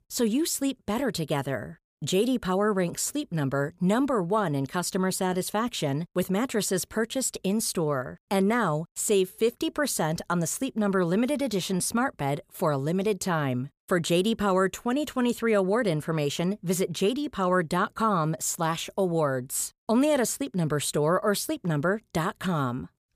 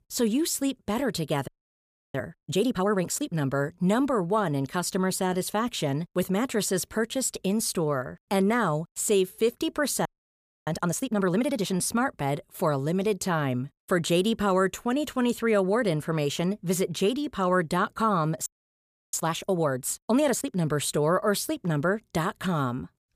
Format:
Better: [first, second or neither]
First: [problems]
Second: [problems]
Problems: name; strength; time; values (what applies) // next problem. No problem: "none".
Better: first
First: none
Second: audio freezing; at 1.5 s for 0.5 s, at 10 s for 0.5 s and at 18 s for 0.5 s